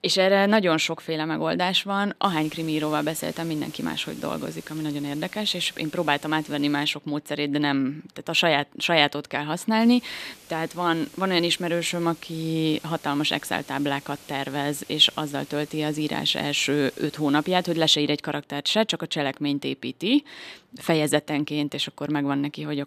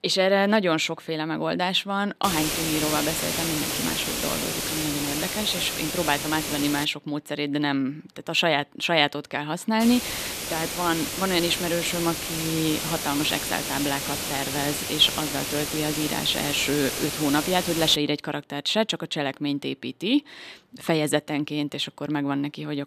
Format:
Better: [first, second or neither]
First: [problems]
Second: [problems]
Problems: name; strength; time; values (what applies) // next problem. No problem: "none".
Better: first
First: hiss; faint; from 2 to 7 s and from 10 to 18 s; 20 dB below the speech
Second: hiss; loud; from 2 to 7 s and from 10 to 18 s; 3 dB below the speech